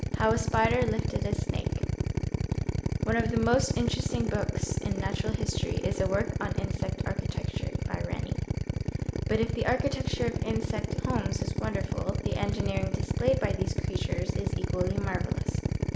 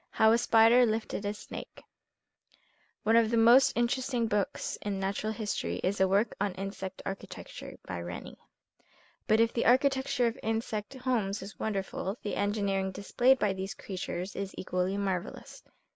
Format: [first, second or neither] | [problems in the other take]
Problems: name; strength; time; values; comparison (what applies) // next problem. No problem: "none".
second | background sound (Drill); 3 dB above the speech // room echo; dies away in 0.6 s